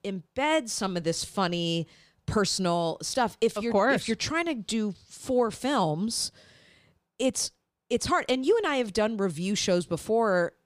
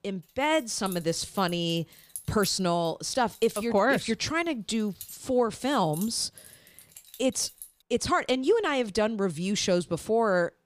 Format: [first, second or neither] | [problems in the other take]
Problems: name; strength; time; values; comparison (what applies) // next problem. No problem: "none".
first | jangling keys; faint; from 0.5 to 7.5 s; peak 10 dB below the speech